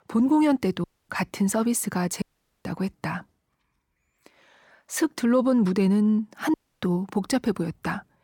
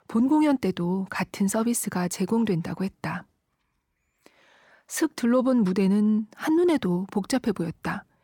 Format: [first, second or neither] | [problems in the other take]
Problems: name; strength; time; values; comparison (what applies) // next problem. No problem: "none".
second | audio cutting out; at 1 s, at 2 s and at 6.5 s